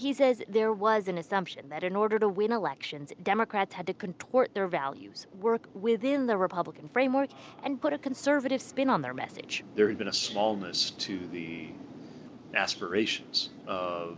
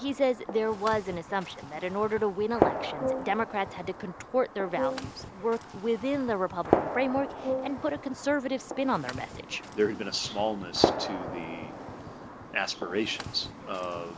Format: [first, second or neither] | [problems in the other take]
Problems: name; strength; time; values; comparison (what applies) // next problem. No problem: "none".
first | background sound (Gunshot, gunfire + Brass instrument); 4 dB below the speech